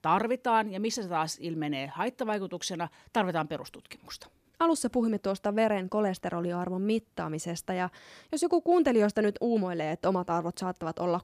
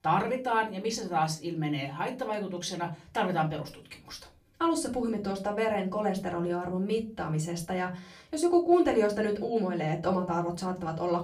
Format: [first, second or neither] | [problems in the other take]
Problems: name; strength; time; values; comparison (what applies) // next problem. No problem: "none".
first | off-mic speech; far // room echo; very slight; dies away in 0.3 s